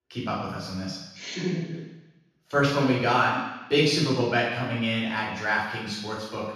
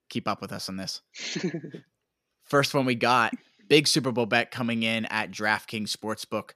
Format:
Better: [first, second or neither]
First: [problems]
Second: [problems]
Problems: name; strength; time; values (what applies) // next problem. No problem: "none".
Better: second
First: room echo; strong; dies away in 1.1 s // off-mic speech; far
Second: none